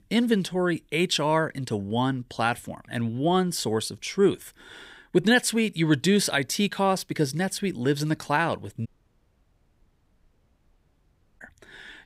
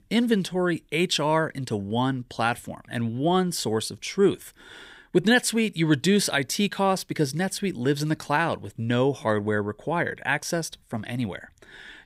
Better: second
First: audio cutting out; at 9 s for 2.5 s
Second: none

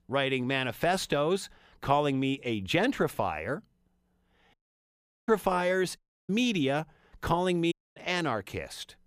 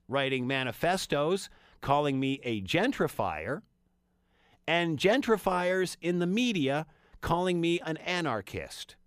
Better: second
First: audio cutting out; at 4.5 s for 0.5 s, at 6 s and at 7.5 s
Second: none

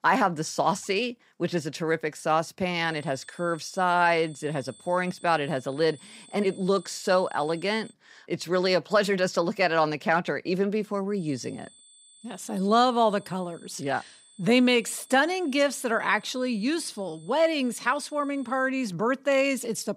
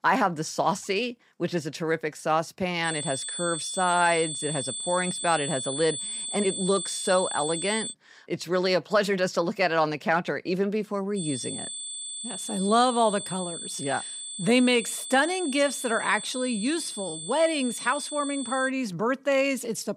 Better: first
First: high-pitched whine; faint; from 3 to 8 s and from 11 to 19 s; 8 kHz, 25 dB below the speech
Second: high-pitched whine; loud; from 3 to 8 s and from 11 to 19 s; 8 kHz, 6 dB below the speech

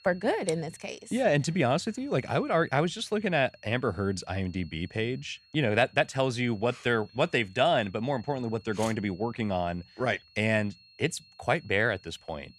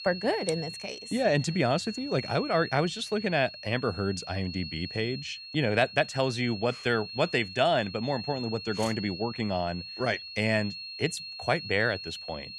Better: first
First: high-pitched whine; faint; throughout; 4.5 kHz, 25 dB below the speech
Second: high-pitched whine; loud; throughout; 4.5 kHz, 10 dB below the speech

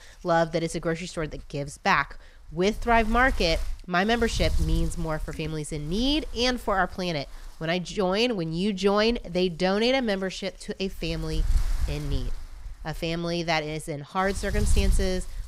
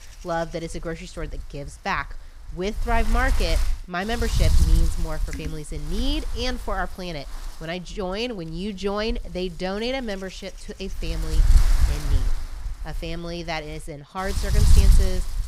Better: first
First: wind noise on the microphone; occasional gusts; 20 dB below the speech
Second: wind noise on the microphone; heavy; 8 dB below the speech

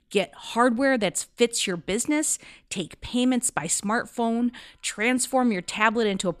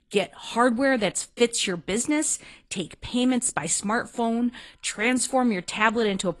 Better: first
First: none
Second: garbled, watery; slightly

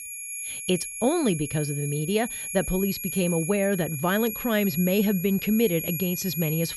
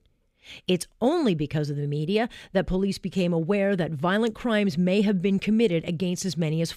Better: second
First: high-pitched whine; loud; throughout; 11 kHz, 6 dB below the speech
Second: none

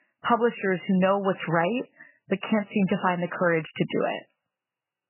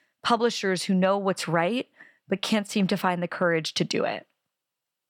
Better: second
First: garbled, watery; badly; nothing above 3 kHz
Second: none

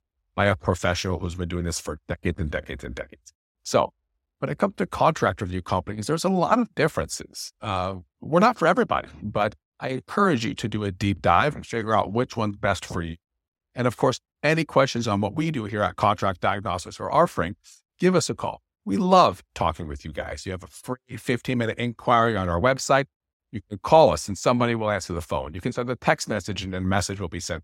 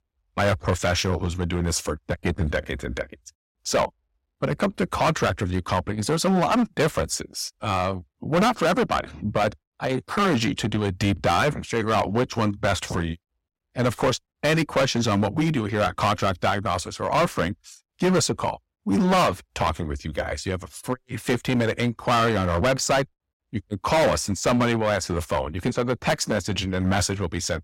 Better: first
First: none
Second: distortion; heavy; 9% of the sound clipped

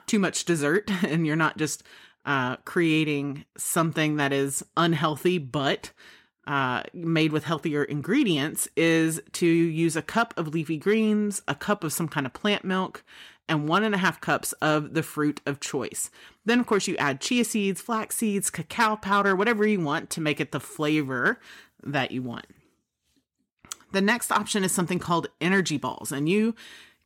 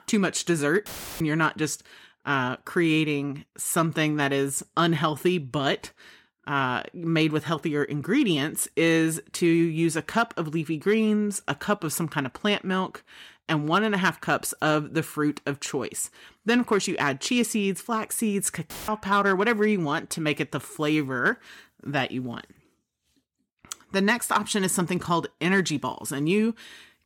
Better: first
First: none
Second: audio cutting out; filled with static; at 1 s and at 19 s

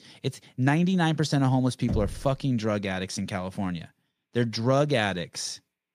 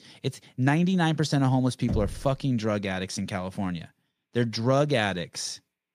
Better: neither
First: door banging; noticeable; at 2 s; peak 6 dB below the speech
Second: door banging; noticeable; at 2 s; peak 6 dB below the speech

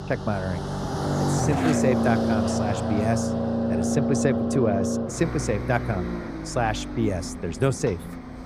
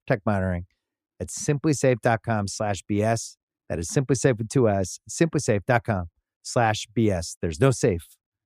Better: second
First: traffic noise; very loud; throughout; 1 dB above the speech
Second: none

